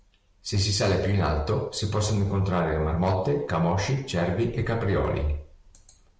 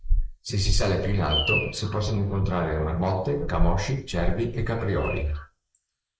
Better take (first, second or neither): first